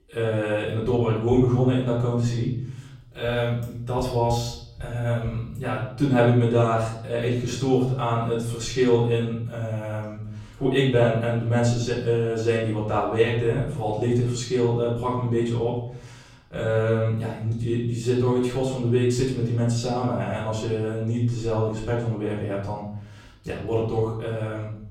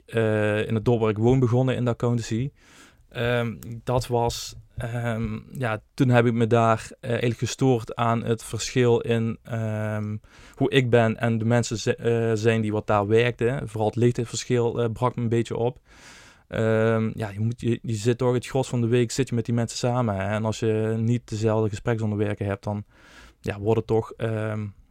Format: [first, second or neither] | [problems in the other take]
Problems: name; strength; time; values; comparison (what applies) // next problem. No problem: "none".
second | room echo; noticeable; dies away in 0.7 s // off-mic speech; far